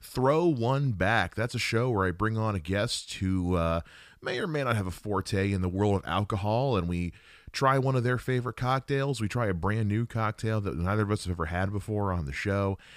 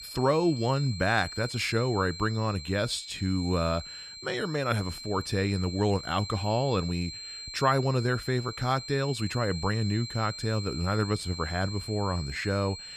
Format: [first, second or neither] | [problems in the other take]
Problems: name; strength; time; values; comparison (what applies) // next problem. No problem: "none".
first | high-pitched whine; noticeable; throughout; 4 kHz, 10 dB below the speech